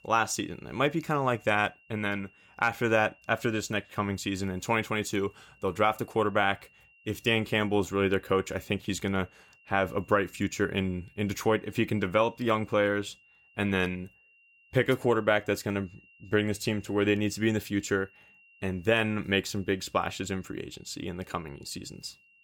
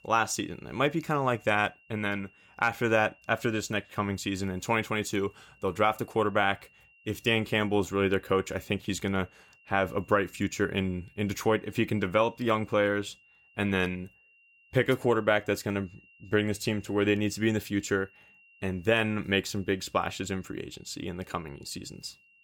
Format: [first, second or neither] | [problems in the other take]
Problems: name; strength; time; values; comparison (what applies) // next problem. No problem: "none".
neither | high-pitched whine; faint; throughout; 3 kHz, 30 dB below the speech; the same in both